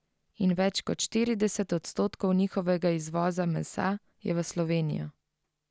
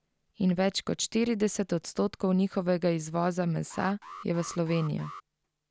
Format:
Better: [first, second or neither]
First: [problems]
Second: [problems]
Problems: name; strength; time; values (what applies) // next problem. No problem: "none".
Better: first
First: none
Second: background sound (Alarm); 16 dB below the speech